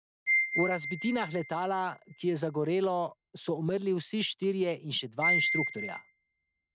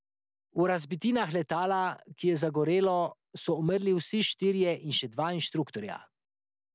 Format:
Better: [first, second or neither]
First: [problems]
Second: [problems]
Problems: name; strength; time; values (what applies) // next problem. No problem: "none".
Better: second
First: noise reduction (neural mask model RNNoise)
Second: none